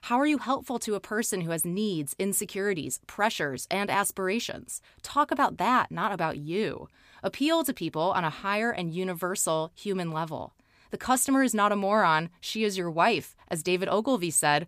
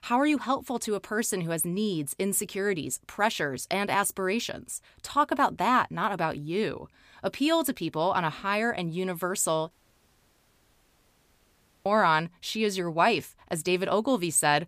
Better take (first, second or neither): first